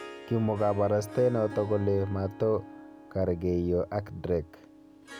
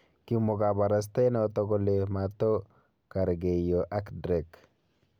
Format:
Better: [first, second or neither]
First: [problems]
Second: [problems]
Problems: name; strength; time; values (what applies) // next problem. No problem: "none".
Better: second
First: background sound (Harp); 16 dB below the speech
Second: none